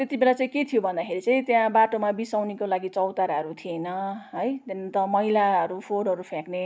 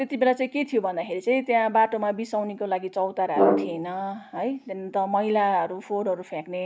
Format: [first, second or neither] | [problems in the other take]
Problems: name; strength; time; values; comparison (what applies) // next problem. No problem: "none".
first | background sound (Brass instrument); as loud as the speech